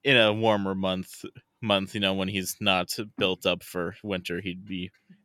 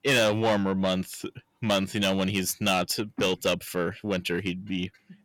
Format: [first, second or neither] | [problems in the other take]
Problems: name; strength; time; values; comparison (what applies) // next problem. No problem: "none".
first | distortion; heavy; 7 dB below the speech